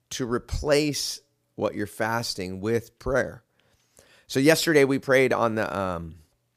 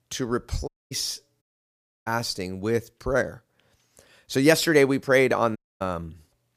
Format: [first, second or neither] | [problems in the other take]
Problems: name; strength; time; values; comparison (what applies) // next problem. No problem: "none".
first | audio cutting out; at 0.5 s, at 1.5 s for 0.5 s and at 5.5 s